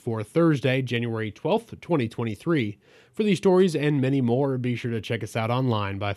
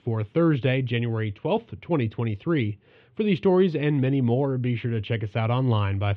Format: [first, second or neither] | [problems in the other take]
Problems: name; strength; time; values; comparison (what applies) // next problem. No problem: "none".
first | muffled; slightly; fading above 3.5 kHz